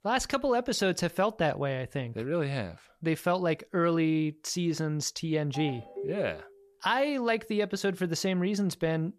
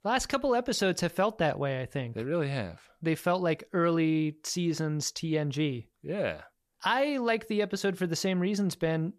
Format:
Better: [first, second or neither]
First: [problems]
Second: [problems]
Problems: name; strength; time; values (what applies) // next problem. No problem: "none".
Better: second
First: phone ringing; noticeable; at 5.5 s; peak 8 dB below the speech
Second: none